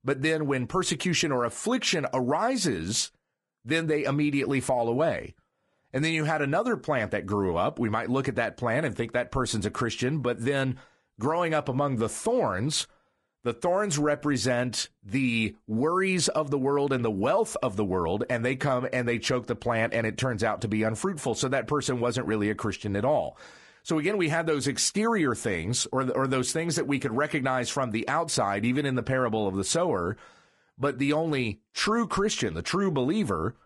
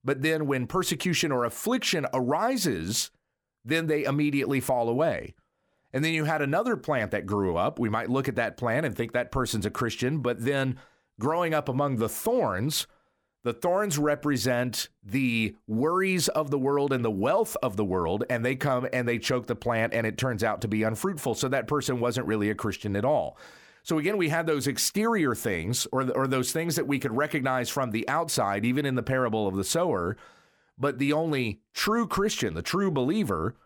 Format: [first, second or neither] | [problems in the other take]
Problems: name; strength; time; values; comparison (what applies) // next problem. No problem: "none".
second | garbled, watery; slightly; nothing above 10.5 kHz